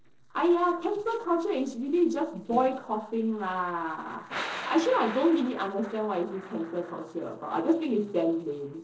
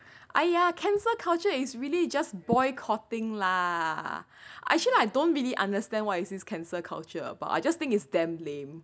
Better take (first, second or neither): second